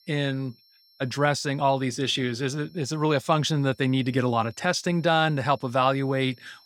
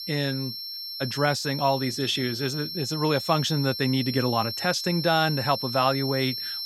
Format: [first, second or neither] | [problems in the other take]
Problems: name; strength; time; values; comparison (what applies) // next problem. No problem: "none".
first | high-pitched whine; loud; throughout; 5.5 kHz, 5 dB below the speech; faint in the first